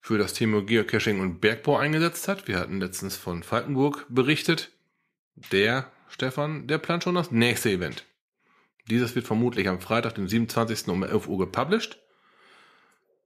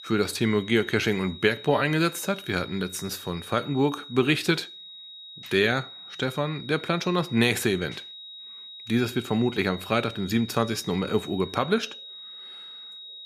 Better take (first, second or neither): first